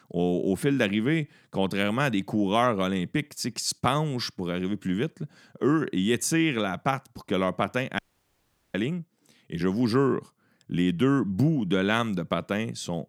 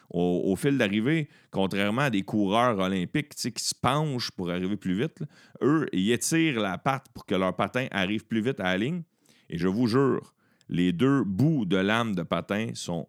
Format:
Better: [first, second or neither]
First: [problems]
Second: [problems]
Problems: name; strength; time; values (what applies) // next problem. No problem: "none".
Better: second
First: audio cutting out; at 8 s for 1 s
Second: none